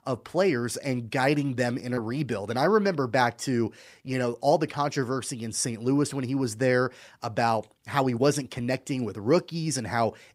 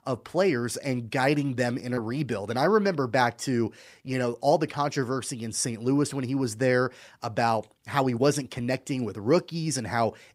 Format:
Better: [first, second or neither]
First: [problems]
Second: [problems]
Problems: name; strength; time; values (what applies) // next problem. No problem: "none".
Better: neither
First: none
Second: none